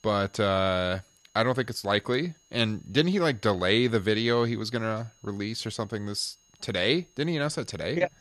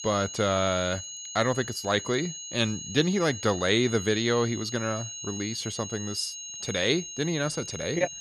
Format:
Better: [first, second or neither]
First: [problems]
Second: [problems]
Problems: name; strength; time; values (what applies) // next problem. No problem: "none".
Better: first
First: high-pitched whine; faint; throughout; 6.5 kHz, 35 dB below the speech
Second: high-pitched whine; loud; throughout; 6.5 kHz, 8 dB below the speech